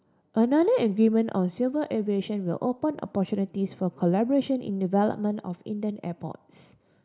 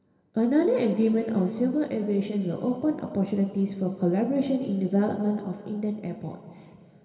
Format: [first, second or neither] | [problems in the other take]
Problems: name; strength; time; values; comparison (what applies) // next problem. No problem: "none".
first | room echo; dies away in 2.4 s